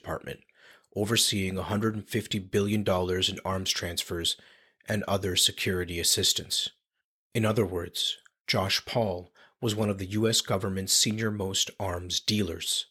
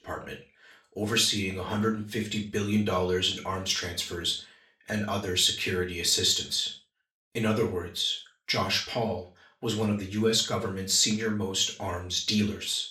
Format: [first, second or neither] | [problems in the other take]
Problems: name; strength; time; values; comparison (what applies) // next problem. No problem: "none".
first | room echo; slight; dies away in 0.3 s // off-mic speech; far